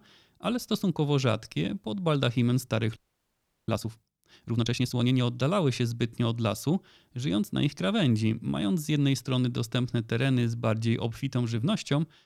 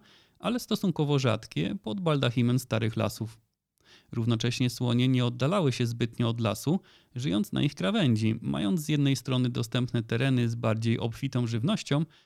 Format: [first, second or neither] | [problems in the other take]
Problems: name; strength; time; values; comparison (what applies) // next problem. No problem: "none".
second | audio freezing; at 3 s for 0.5 s